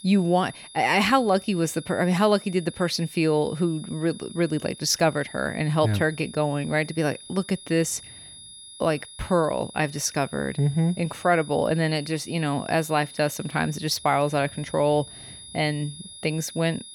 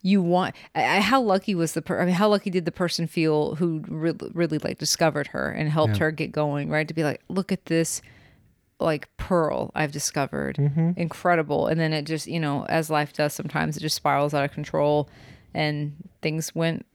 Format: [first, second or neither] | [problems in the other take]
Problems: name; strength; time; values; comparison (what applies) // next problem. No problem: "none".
second | high-pitched whine; noticeable; throughout; 10 kHz, 15 dB below the speech